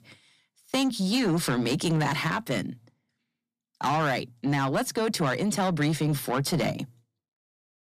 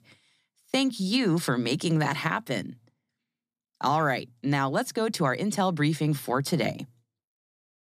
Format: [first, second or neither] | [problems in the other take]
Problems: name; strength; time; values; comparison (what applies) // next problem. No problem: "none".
second | distortion; slight; 10 dB below the speech